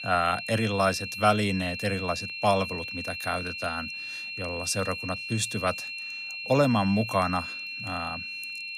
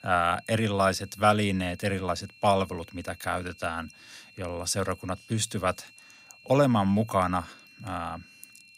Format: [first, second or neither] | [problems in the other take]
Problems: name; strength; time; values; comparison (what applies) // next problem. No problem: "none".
second | high-pitched whine; loud; throughout; 2.5 kHz, 6 dB below the speech; faint in the second